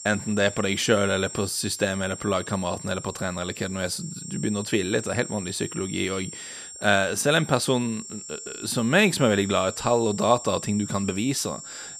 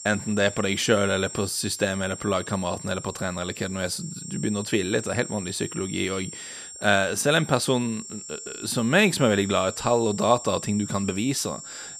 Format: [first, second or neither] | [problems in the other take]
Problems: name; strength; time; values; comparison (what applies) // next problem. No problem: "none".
neither | high-pitched whine; noticeable; throughout; 7.5 kHz, 10 dB below the speech; the same in both